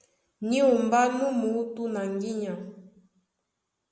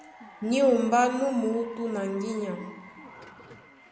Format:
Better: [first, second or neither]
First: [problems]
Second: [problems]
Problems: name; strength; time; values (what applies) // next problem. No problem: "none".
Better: first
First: none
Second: background sound (Subway, metro, underground / Alarm + Applause / Cheering); 19 dB below the speech